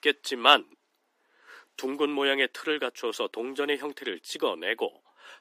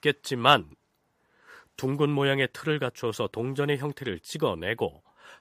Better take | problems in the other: second | thin; very slightly; fading below 250 Hz

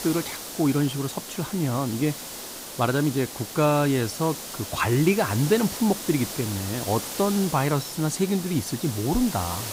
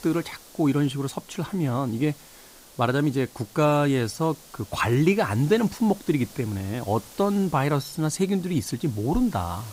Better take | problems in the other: second | hiss; loud; throughout; 8 dB below the speech; faint in the second

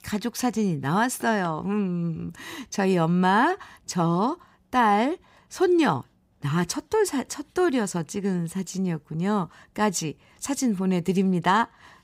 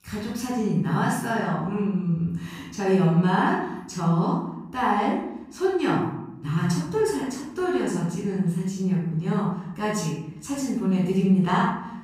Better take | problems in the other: first | off-mic speech; far // room echo; noticeable; dies away in 0.9 s

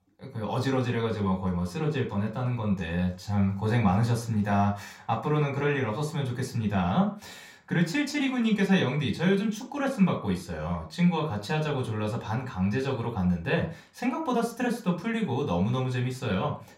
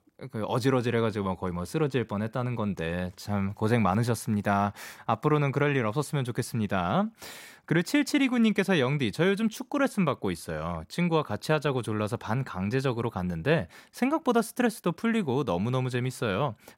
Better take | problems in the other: second | room echo; slight; dies away in 0.3 s // off-mic speech; far

